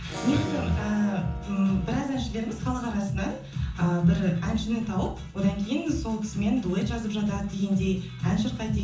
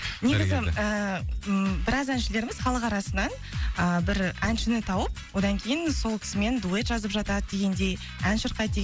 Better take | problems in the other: second | background sound (Acoustic guitar / Strum); 14 dB below the speech // room echo; dies away in 0.7 s

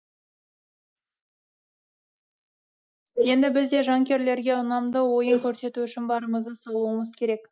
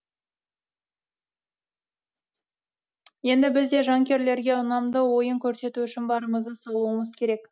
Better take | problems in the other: second | noise reduction (neural mask model Resemble Enhance denoiser)

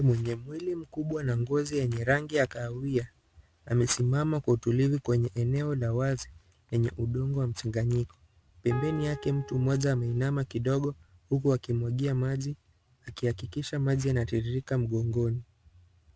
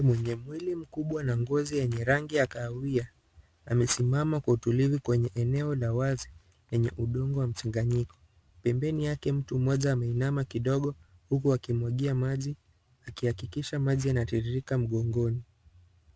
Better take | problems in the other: second | background sound (Piano); 14 dB below the speech

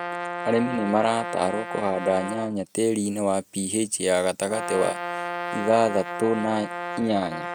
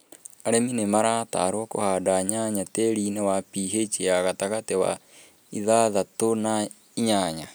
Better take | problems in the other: second | noise reduction (neural mask model RNNoise)

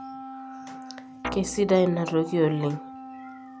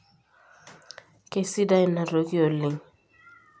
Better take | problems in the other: second | background sound (Guitar + Wind instrument, woodwind instrument); 12 dB below the speech

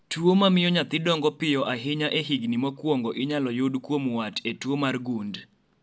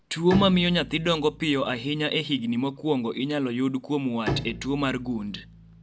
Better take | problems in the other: first | background sound (Bowed string instrument); 12 dB below the speech

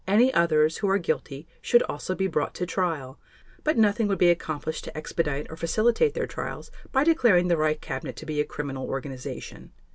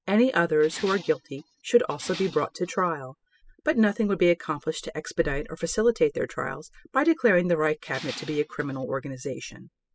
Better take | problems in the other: first | noise reduction (classical method spectral subtraction)

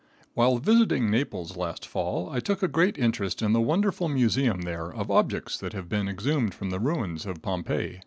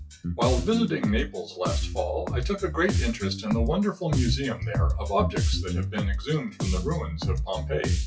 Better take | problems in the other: first | noise reduction (classical method WPE with log-MMSE)

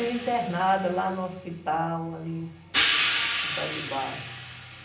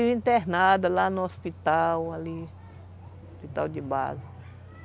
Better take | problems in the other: second | background sound (Hi-hat); 1 dB below the speech // room echo; dies away in 0.6 s

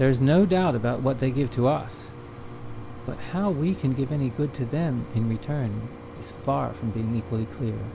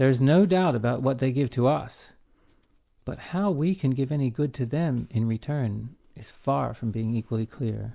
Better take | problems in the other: second | background sound (Mechanisms); 12 dB below the speech

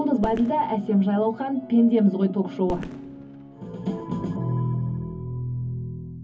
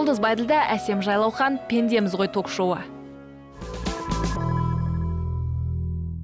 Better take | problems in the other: second | background sound (Fireworks); 16 dB below the speech // room echo; dies away in 0.3 s

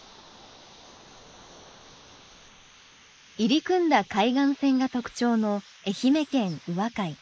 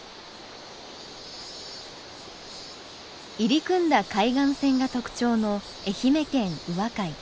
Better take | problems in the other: second | noise reduction (neural mask model Resemble Enhance denoiser)

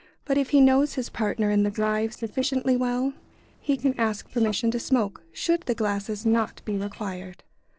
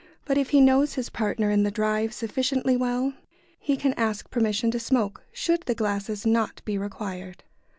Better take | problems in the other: second | noise reduction (neural separator model SepFormer DNS4)

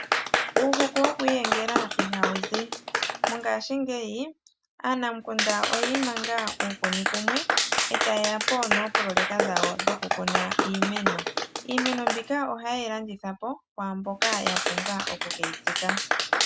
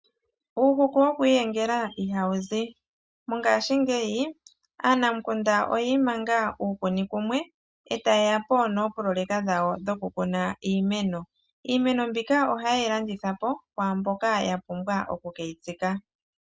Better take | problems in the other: second | background sound (Clapping); 2 dB above the speech

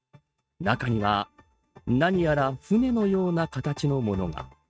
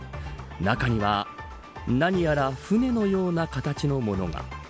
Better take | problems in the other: second | noise reduction (neural mask model RNNoise)

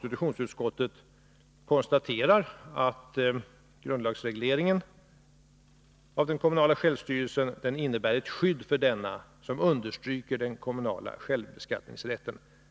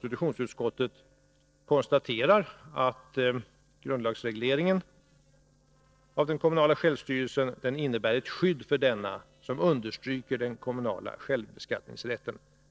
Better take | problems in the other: first | noise reduction (neural separator model SepFormer DNS4)

